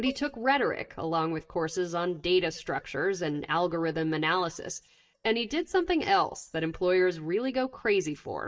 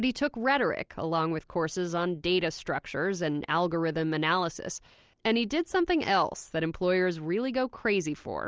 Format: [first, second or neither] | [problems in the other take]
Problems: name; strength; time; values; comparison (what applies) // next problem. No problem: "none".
second | noise reduction (neural mask model DeepFilterNet 3)